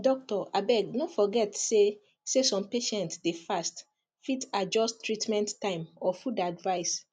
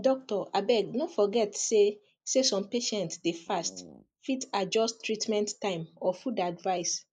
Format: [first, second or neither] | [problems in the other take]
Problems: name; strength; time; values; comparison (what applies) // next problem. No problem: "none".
first | noise reduction (neural mask model Resemble Enhance denoiser)